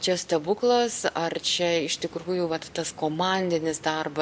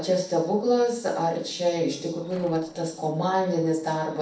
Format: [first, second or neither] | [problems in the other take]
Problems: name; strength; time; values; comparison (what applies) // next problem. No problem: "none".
first | noise reduction (neural separator model SepFormer DNS4)